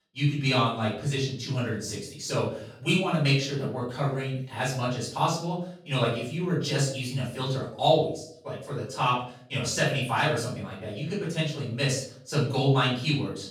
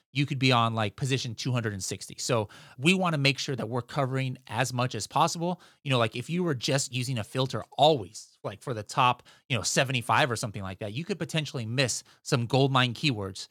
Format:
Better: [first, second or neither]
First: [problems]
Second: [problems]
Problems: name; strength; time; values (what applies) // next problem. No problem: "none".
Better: second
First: room echo; noticeable; dies away in 0.5 s // off-mic speech; far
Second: none